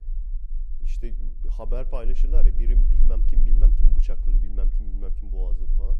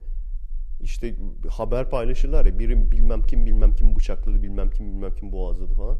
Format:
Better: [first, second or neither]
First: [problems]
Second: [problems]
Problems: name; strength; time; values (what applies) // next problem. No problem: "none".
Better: second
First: low rumble; loud; throughout; 9 dB below the speech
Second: low rumble; faint; throughout; 20 dB below the speech